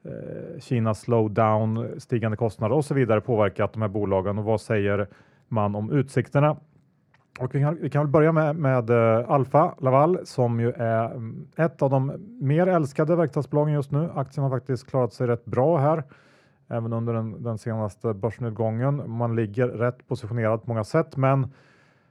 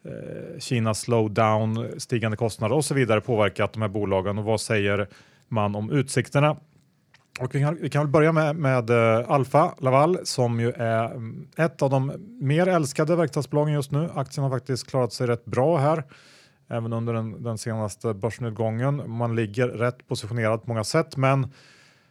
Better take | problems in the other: second | muffled; slightly; fading above 2 kHz

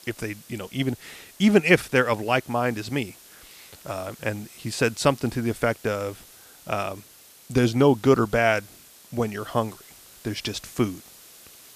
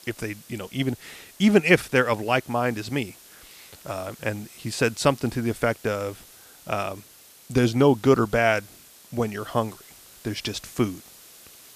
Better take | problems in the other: neither | hiss; faint; throughout; 20 dB below the speech; the same in both

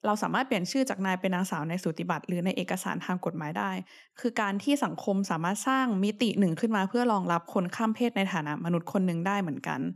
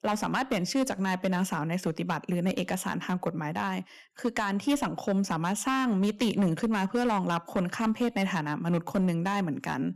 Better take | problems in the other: first | distortion; slight; 6% of the sound clipped

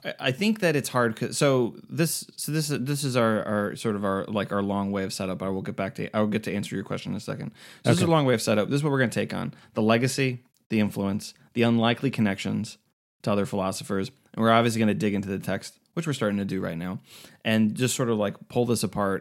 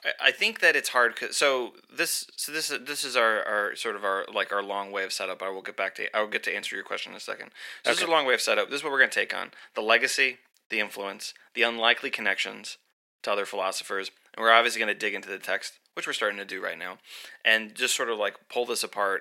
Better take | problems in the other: first | thin; very; fading below 450 Hz

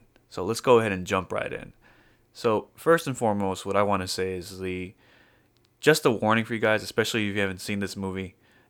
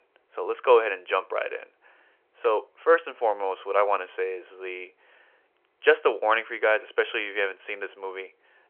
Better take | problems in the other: first | phone-call audio; nothing above 3 kHz

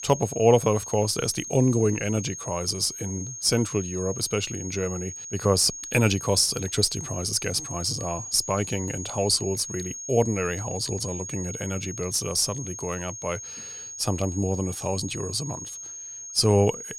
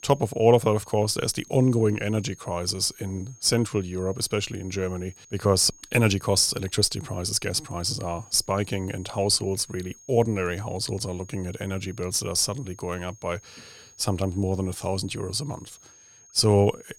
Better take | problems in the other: second | high-pitched whine; loud; throughout; 6.5 kHz, 9 dB below the speech; faint in the second

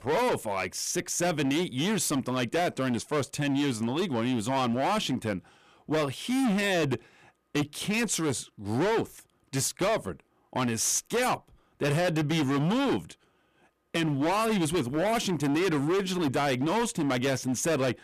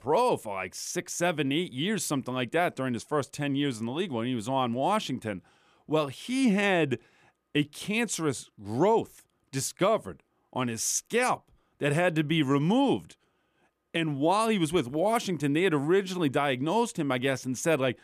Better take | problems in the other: second | distortion; heavy; 21% of the sound clipped

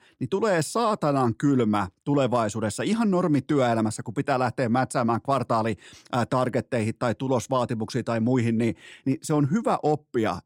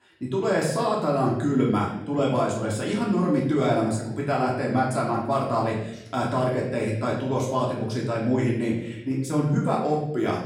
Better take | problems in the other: first | off-mic speech; far // room echo; noticeable; dies away in 0.8 s

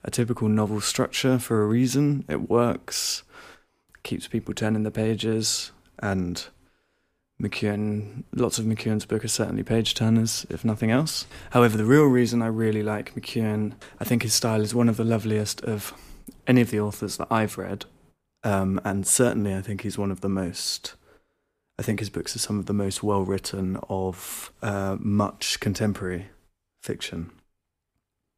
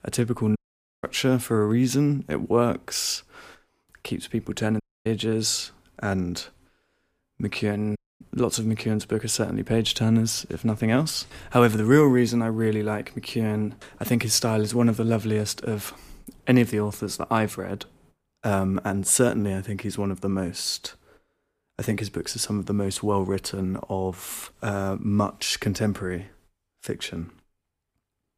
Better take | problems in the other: first | audio cutting out; at 0.5 s, at 5 s and at 8 s

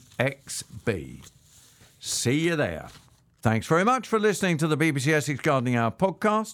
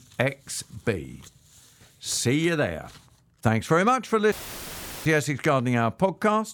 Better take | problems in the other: first | audio cutting out; filled with static; at 4.5 s for 0.5 s

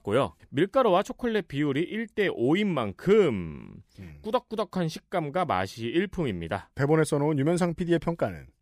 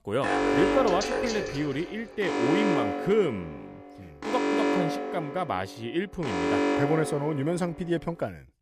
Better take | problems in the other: first | alarm; loud; until 7.5 s; peak 6 dB above the speech

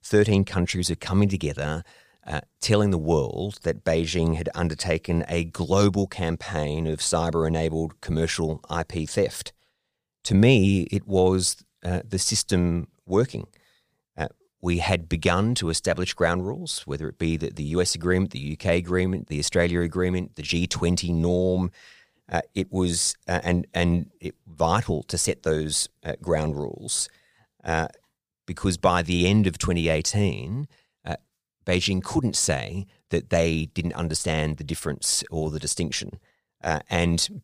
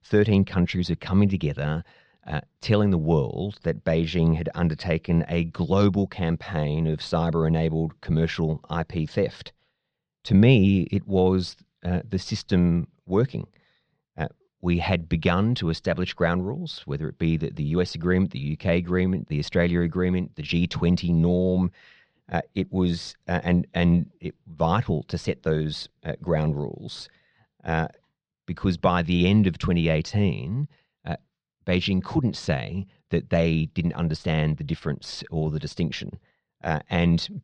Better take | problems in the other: first | muffled; slightly; fading above 4 kHz

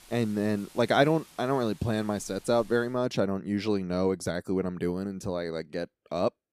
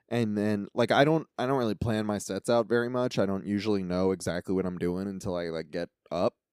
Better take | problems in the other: second | rain or running water; faint; until 3 s; 25 dB below the speech

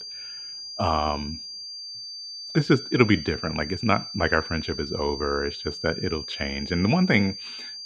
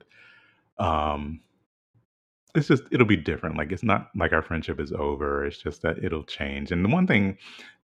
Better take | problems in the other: second | high-pitched whine; loud; throughout; 4.5 kHz, 9 dB below the speech

